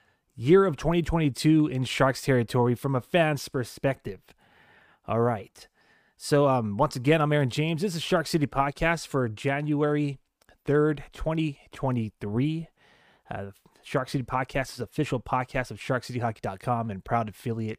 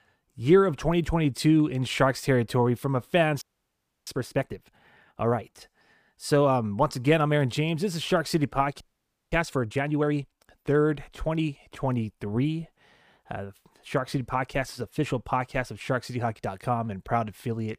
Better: first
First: none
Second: audio freezing; at 3.5 s for 0.5 s and at 9 s for 0.5 s

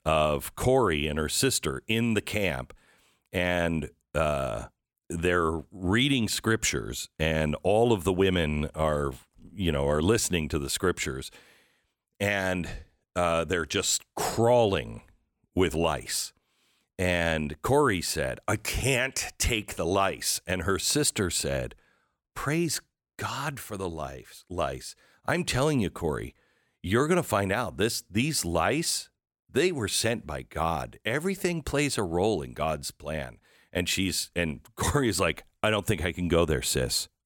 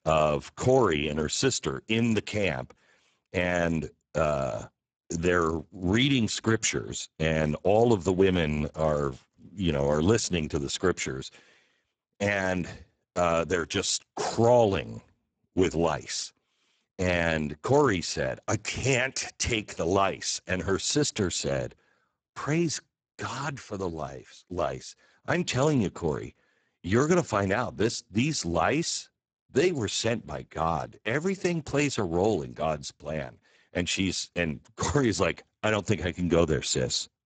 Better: first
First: none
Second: garbled, watery; badly; nothing above 7.5 kHz

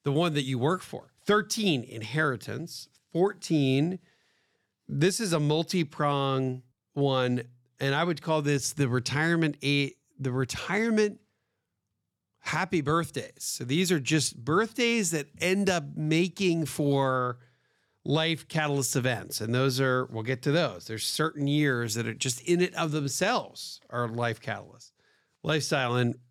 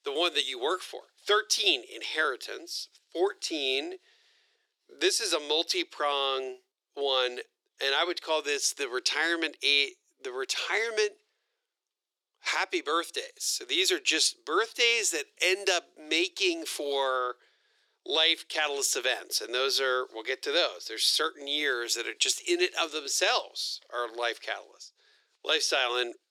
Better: first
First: none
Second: thin; very; fading below 350 Hz

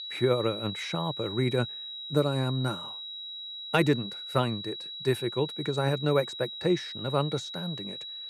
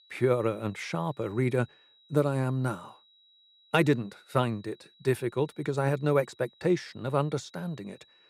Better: second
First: high-pitched whine; loud; throughout; 4 kHz, 7 dB below the speech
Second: high-pitched whine; faint; throughout; 4 kHz, 30 dB below the speech

